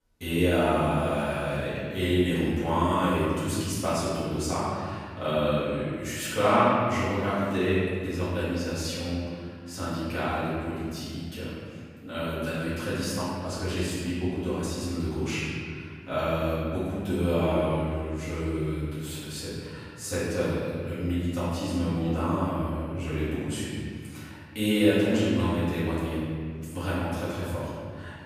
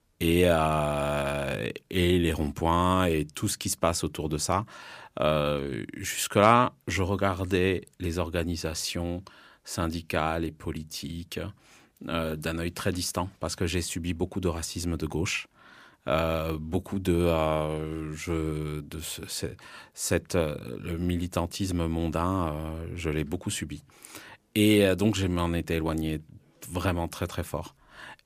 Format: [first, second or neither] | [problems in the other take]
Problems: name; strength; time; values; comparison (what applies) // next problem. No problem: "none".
second | room echo; strong; dies away in 1.9 s // off-mic speech; far